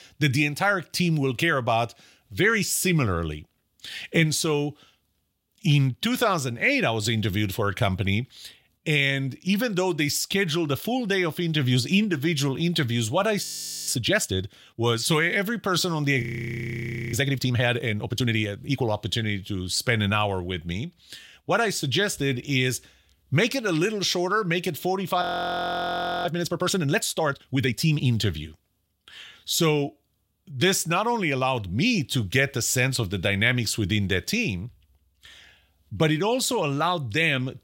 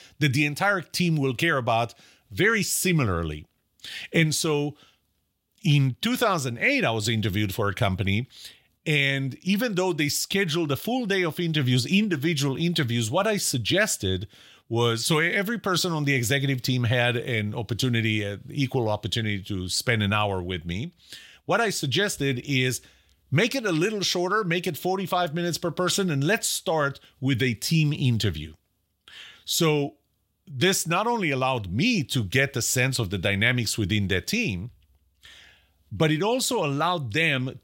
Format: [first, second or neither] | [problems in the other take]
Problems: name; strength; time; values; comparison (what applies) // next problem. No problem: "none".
second | audio freezing; at 13 s, at 16 s for 1 s and at 25 s for 1 s